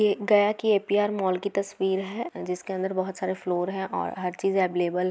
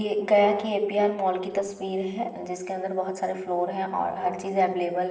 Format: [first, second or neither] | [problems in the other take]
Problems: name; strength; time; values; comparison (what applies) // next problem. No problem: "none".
first | noise reduction (neural separator model SepFormer DNS4)